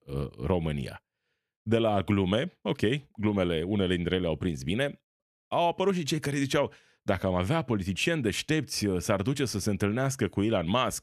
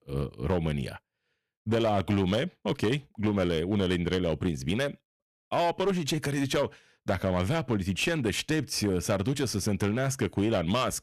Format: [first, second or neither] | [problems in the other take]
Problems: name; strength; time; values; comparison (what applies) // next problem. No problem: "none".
first | distortion; slight; 9% of the sound clipped